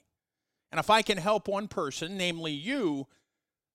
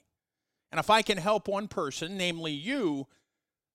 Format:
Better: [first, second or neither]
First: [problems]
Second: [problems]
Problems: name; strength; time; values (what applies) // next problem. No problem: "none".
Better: neither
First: none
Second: none